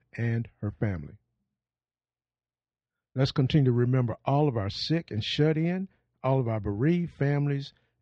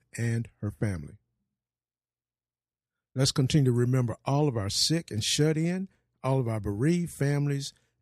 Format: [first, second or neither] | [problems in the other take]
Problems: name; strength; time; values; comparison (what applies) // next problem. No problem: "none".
second | muffled; slightly; fading above 3.5 kHz